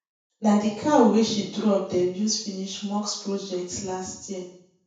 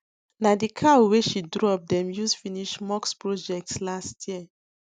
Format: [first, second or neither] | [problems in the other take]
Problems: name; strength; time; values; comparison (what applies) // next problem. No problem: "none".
second | room echo; dies away in 0.6 s